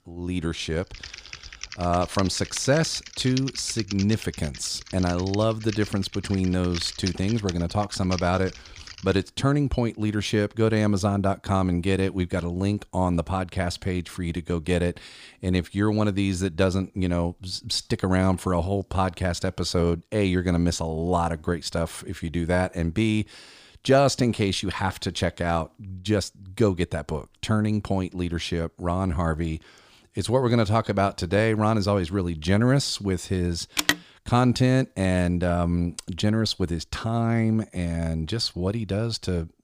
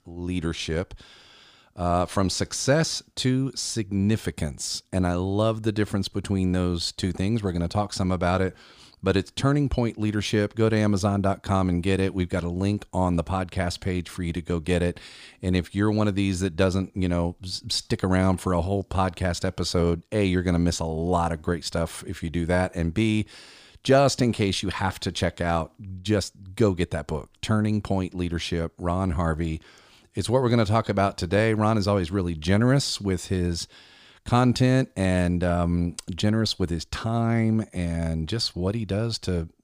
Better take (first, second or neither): second